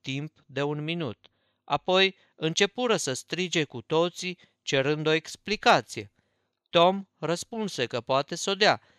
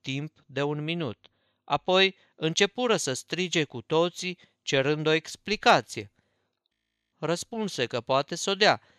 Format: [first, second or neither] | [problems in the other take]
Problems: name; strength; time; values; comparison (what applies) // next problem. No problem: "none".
first | audio freezing; at 6.5 s